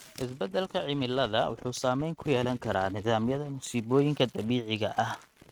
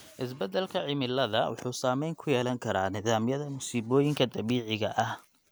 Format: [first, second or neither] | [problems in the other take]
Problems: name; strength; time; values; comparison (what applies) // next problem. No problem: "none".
second | noise reduction (neural mask model RNNoise)